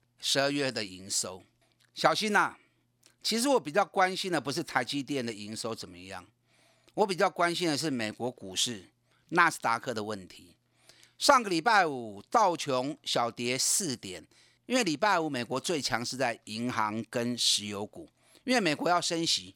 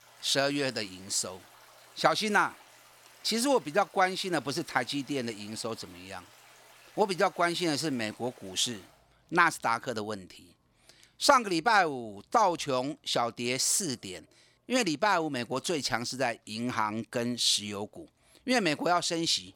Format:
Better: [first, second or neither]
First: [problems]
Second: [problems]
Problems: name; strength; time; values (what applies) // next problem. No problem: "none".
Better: first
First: none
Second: rain or running water; faint; throughout; 25 dB below the speech